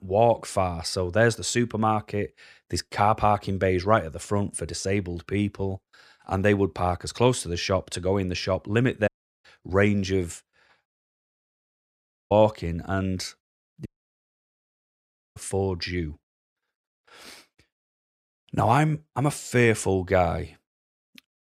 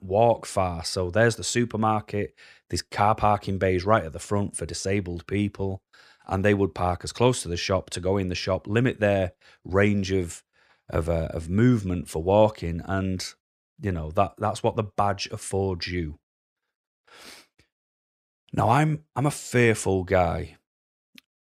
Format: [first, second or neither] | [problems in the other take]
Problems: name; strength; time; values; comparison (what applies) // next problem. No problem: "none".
second | audio cutting out; at 9 s, at 11 s for 1.5 s and at 14 s for 1.5 s